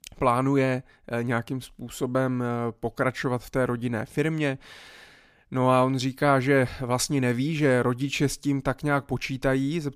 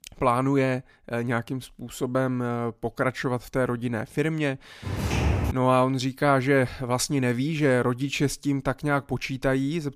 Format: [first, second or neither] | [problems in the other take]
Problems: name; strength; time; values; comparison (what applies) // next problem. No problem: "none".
first | footsteps; loud; at 5 s; peak 1 dB above the speech